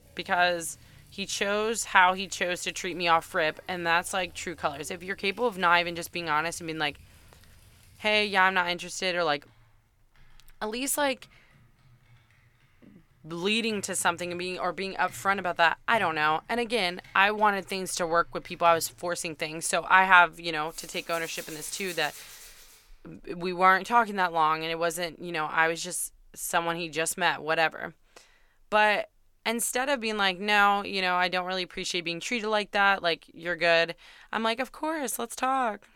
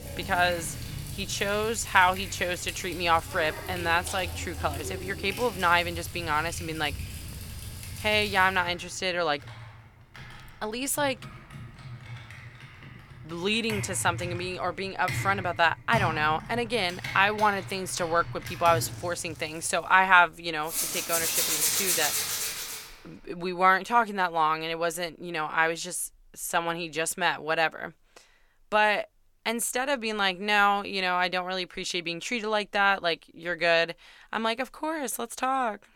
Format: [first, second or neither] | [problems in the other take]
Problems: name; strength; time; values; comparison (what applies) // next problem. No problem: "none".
first | household noises; loud; until 22 s; 7 dB below the speech; faint in the first